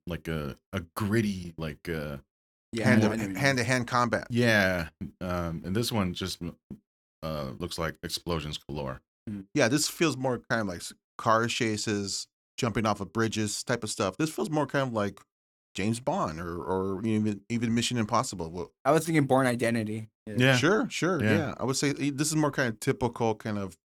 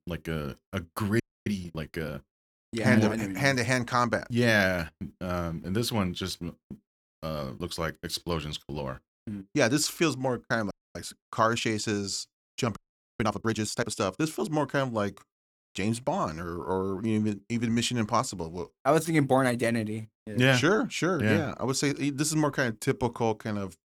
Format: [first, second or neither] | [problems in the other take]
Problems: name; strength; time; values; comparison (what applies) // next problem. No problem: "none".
first | audio freezing; at 1 s, at 11 s and at 13 s